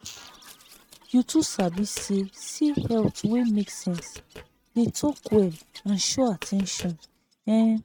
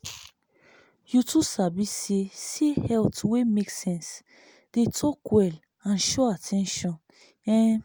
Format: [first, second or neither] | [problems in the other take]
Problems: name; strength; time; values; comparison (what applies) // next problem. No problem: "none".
second | noise reduction (neural mask model RNNoise)